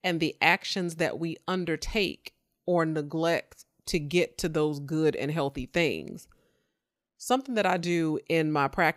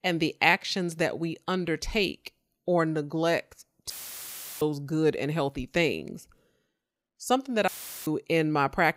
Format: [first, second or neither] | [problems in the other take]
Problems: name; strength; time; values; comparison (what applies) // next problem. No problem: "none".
first | audio cutting out; filled with static; at 4 s for 0.5 s and at 7.5 s